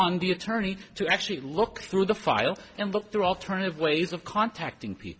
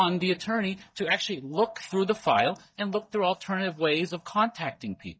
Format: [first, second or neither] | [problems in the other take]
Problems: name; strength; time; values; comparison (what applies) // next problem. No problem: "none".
first | noise reduction (neural mask model DeepFilterNet 3)